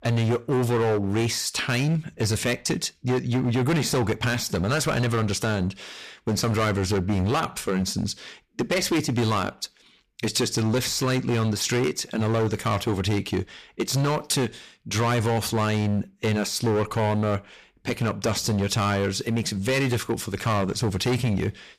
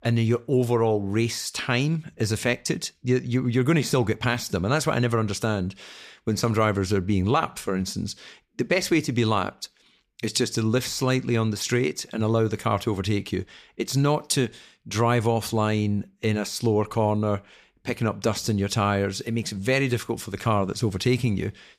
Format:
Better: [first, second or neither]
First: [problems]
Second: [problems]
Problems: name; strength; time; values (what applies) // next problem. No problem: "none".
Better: second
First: distortion; heavy; 16% of the sound clipped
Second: none